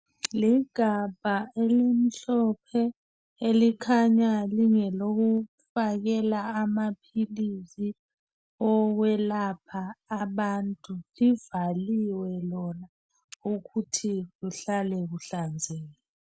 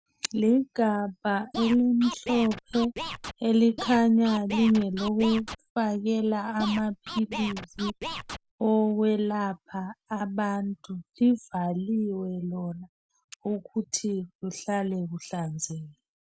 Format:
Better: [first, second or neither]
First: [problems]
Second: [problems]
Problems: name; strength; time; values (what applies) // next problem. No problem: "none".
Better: first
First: none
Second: background sound (Scratching (performance technique)); 10 dB below the speech